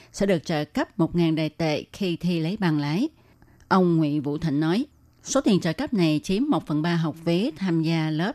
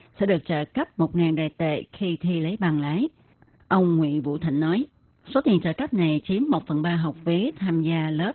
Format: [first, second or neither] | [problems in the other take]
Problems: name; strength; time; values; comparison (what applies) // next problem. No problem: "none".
first | garbled, watery; badly; nothing above 4 kHz